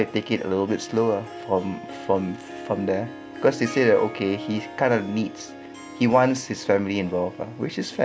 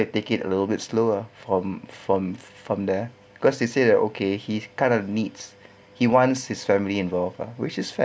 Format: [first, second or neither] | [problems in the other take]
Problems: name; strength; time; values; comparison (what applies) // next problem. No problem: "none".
second | background sound (Harp); 14 dB below the speech